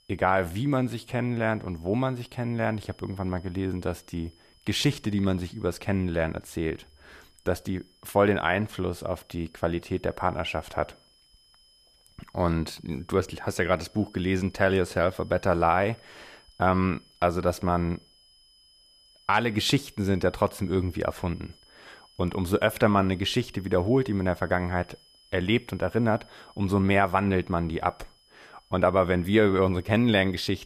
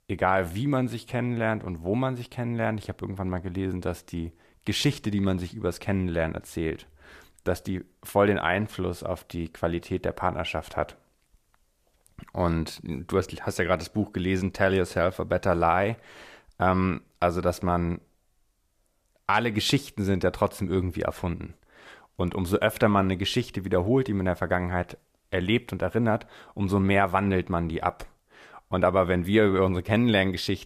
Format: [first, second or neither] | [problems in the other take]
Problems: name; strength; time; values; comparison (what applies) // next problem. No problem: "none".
second | high-pitched whine; faint; throughout; 5 kHz, 30 dB below the speech